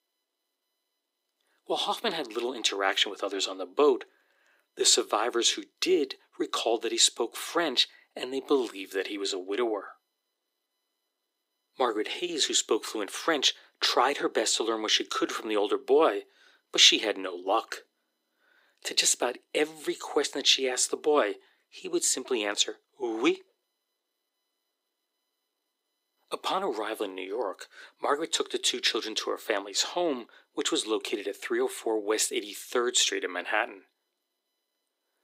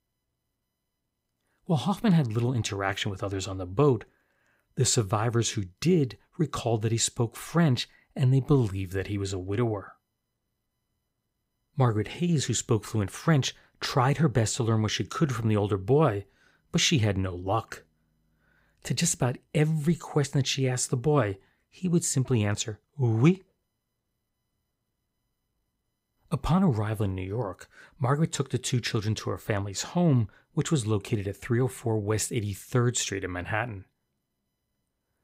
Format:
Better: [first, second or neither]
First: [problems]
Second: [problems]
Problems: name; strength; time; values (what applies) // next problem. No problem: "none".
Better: second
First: thin; very; fading below 300 Hz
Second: none